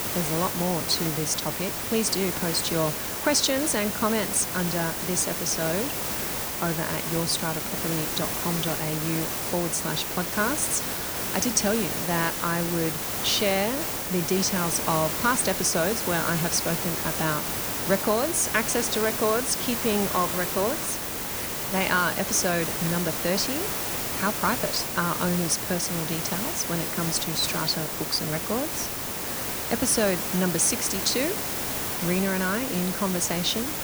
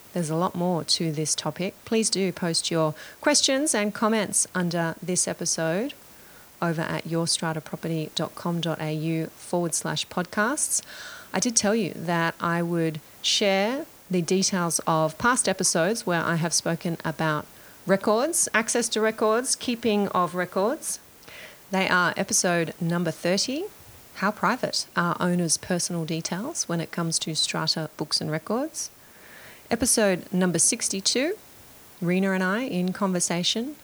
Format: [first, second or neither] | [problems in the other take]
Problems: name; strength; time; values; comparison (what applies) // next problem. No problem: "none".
second | hiss; loud; throughout; 1 dB below the speech; faint in the second